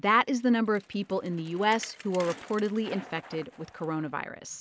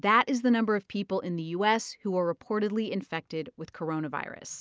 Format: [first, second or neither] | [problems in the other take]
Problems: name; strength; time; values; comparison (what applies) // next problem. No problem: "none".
second | background sound (Bicycle); 19 dB below the speech